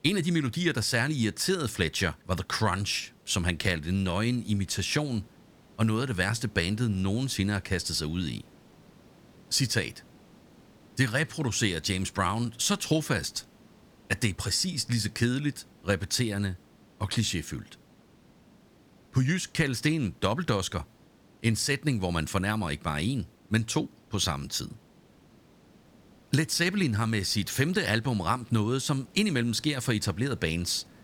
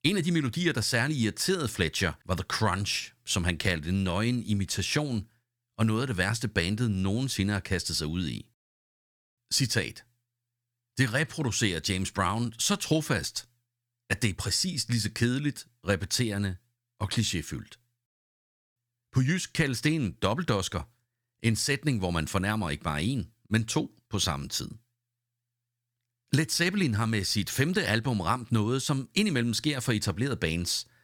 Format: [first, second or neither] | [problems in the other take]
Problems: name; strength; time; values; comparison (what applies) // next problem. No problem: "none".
second | hiss; faint; throughout; 30 dB below the speech